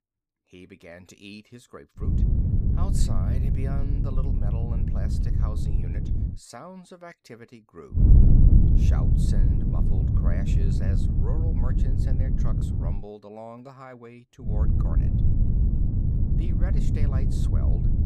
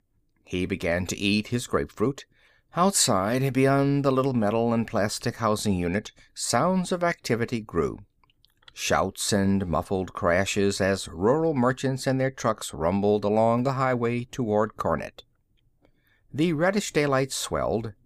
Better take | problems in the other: second | wind noise on the microphone; heavy; from 2 to 6.5 s, from 8 to 13 s and from 14 s on; 5 dB above the speech

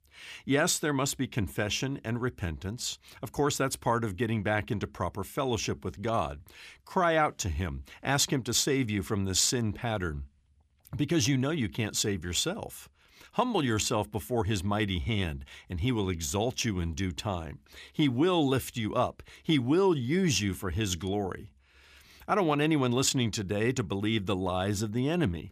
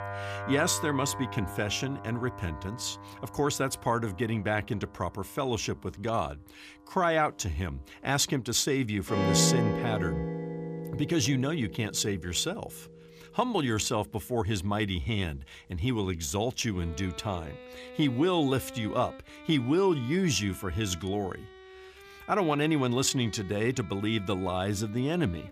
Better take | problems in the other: first | background music; loud; throughout; 8 dB below the speech

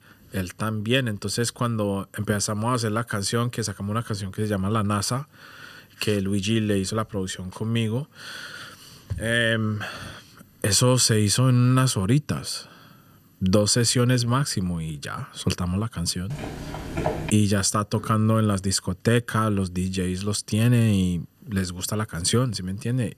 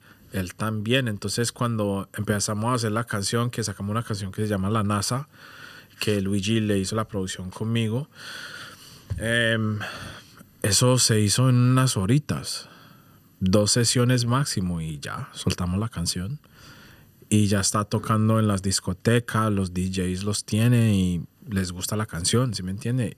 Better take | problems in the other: second | footsteps; noticeable; at 16 s; peak 4 dB below the speech

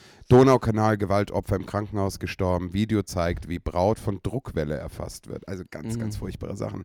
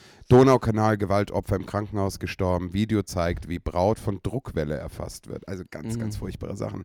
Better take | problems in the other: neither | none

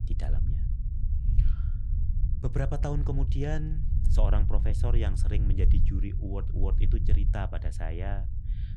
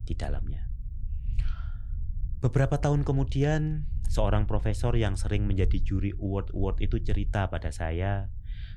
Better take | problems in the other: second | low rumble; loud; throughout; 8 dB below the speech; faint in the second

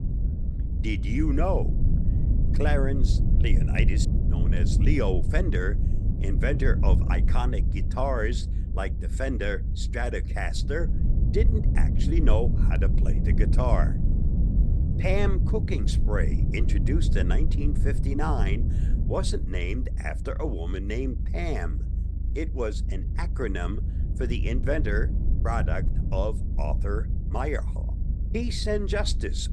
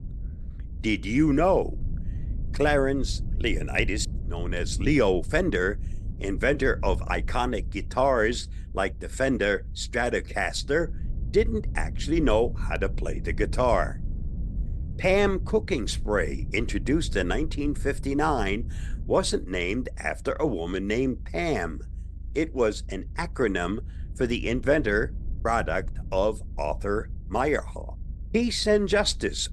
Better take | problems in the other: second | low rumble; loud; throughout; 8 dB below the speech; faint in the second

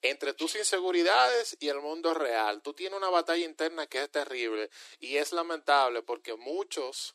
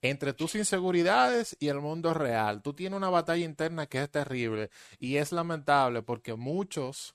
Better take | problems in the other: second | thin; very; fading below 300 Hz

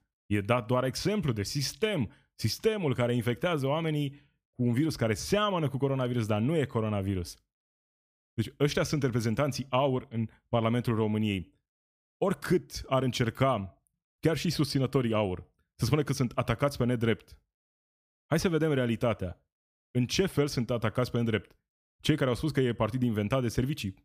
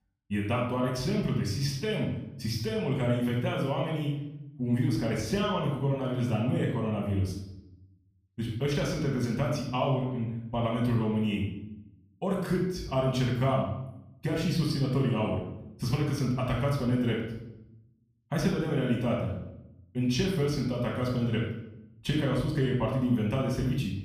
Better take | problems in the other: first | off-mic speech; far // room echo; noticeable; dies away in 0.7 s

